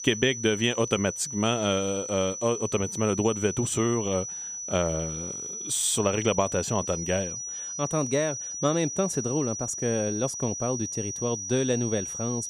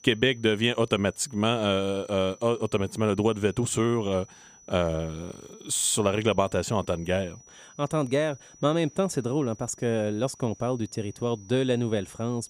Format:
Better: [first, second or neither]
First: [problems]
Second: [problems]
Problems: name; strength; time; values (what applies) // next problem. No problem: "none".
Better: second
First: high-pitched whine; loud; throughout; 6 kHz, 5 dB below the speech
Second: high-pitched whine; faint; throughout; 6 kHz, 25 dB below the speech